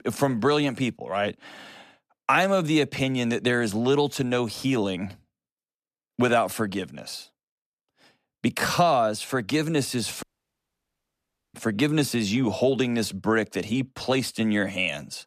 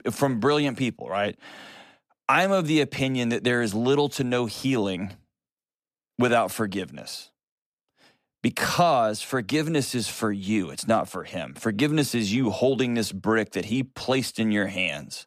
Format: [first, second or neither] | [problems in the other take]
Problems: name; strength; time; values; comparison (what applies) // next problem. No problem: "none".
second | audio cutting out; at 10 s for 1.5 s